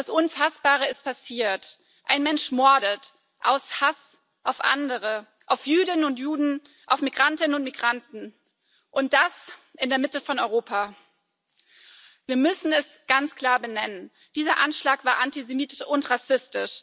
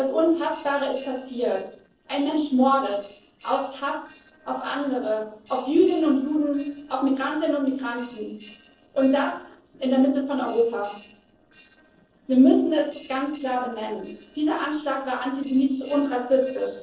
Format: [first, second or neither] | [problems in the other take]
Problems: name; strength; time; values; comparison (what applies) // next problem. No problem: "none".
first | noise reduction (neural separator model SepFormer DNS4)